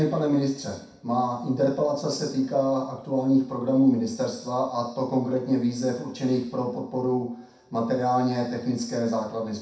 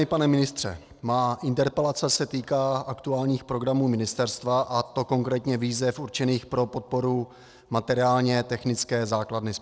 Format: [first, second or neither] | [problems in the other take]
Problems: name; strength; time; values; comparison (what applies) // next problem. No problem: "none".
second | room echo; dies away in 0.6 s